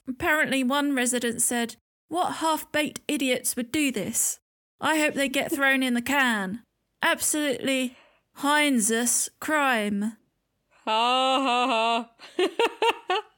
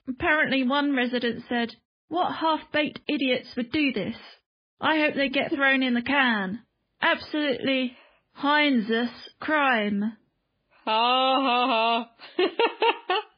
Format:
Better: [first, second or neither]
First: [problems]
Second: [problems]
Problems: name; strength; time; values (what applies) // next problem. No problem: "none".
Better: first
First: none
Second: garbled, watery; badly; nothing above 4 kHz